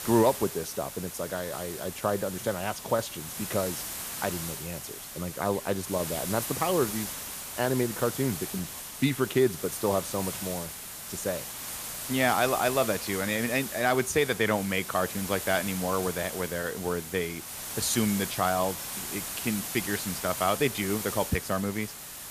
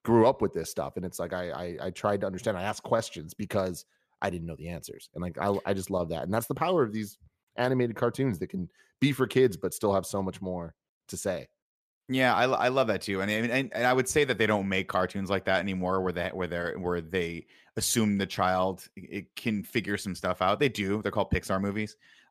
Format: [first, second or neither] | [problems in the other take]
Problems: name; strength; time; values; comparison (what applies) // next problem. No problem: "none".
second | hiss; loud; throughout; 6 dB below the speech